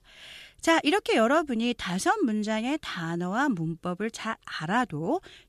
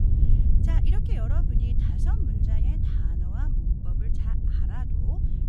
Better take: first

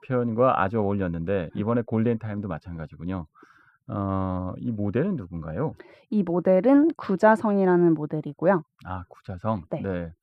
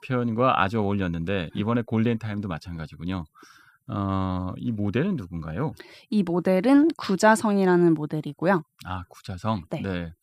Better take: second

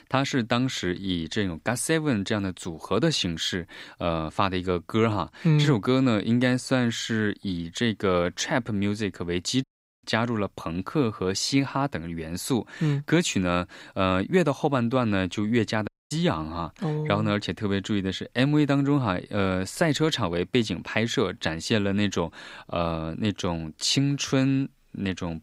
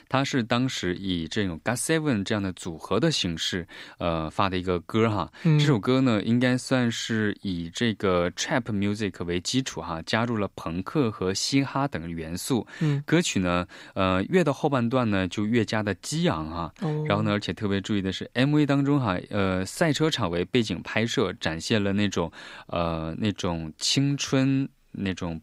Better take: second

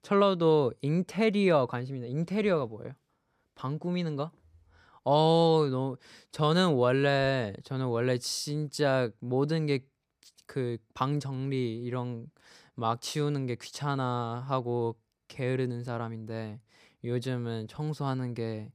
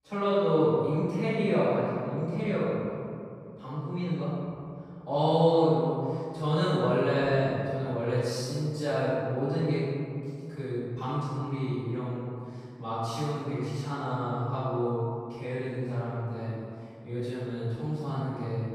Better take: first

